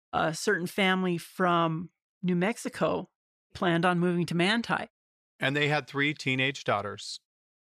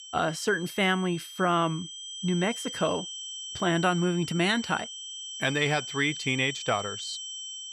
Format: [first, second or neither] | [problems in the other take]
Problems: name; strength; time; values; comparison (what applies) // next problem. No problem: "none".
first | high-pitched whine; loud; throughout; 3 kHz, 9 dB below the speech